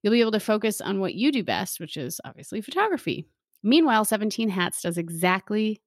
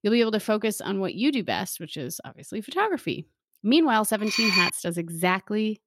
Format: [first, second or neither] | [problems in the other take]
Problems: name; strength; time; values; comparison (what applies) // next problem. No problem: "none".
first | clattering dishes; loud; at 4.5 s; peak 5 dB above the speech